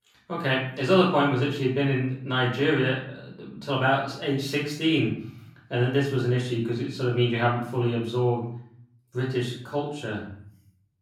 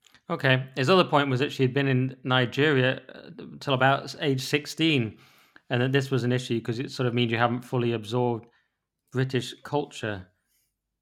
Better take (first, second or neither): second